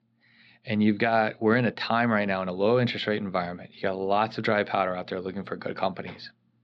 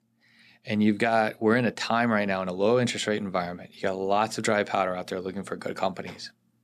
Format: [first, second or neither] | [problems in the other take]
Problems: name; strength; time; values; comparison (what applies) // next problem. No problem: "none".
second | muffled; very slightly; fading above 4 kHz